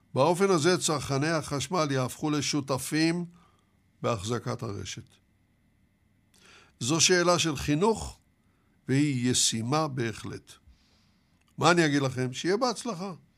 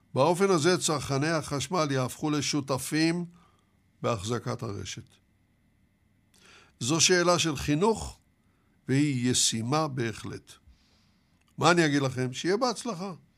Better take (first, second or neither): neither